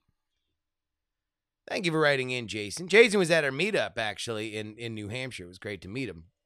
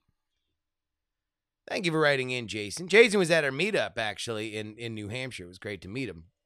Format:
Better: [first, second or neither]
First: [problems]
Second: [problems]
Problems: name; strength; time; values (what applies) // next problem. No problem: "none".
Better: neither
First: none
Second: none